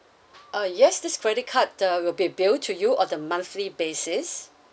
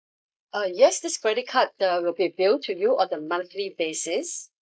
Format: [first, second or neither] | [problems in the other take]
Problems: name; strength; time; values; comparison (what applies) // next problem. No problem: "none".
first | noise reduction (neural mask model Resemble Enhance denoiser)